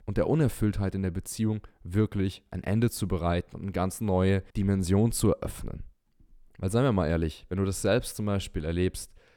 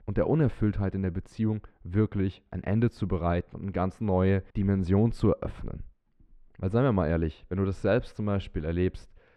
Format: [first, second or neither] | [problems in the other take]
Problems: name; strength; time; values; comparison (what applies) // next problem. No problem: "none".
first | muffled; very; fading above 2.5 kHz